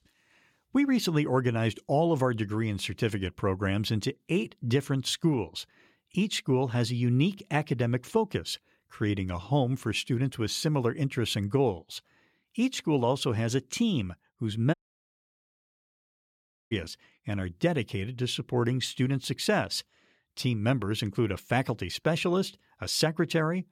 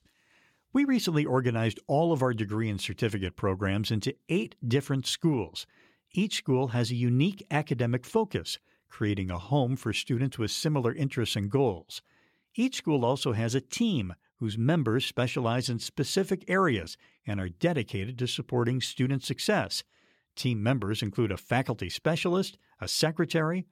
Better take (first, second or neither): second